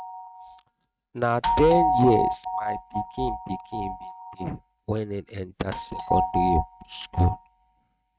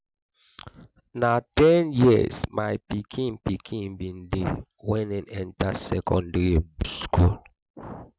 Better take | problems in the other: second | noise reduction (neural mask model RNNoise)

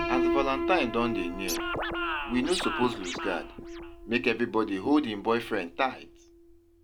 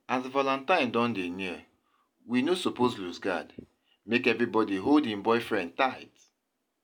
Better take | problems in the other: second | background sound (Scratching (performance technique) + Piano); 4 dB below the speech

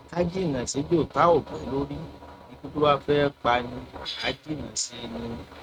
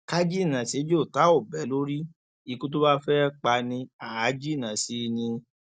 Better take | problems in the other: second | noise reduction (neural mask model RNNoise)

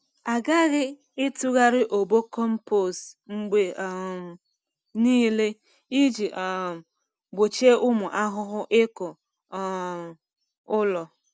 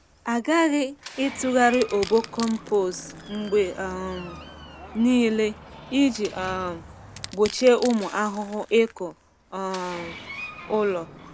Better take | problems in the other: first | background sound (Door + Crushing); 16 dB below the speech

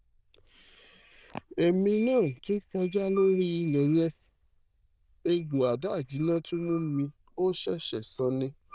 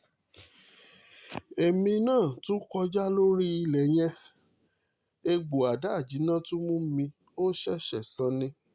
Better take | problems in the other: second | noise reduction (neural diffusion model UNIVERSE++)

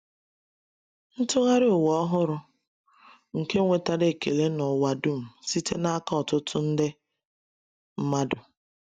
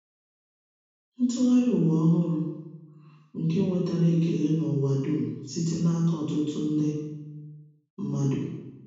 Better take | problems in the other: first | room echo; dies away in 1.1 s

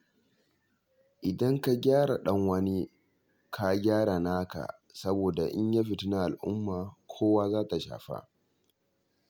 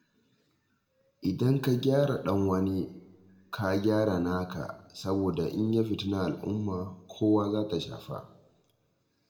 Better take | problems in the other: first | room echo; dies away in 0.8 s

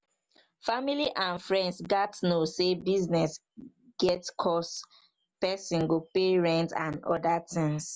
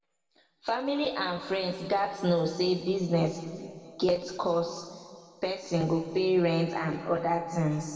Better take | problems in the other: first | room echo; dies away in 2.1 s

